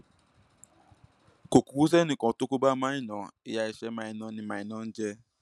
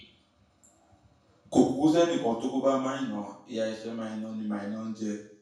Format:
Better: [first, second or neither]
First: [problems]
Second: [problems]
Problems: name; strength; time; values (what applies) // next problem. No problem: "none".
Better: first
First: none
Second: room echo; dies away in 0.6 s